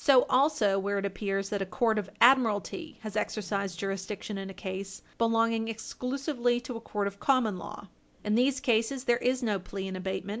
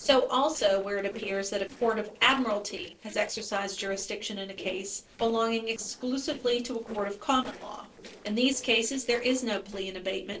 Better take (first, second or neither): first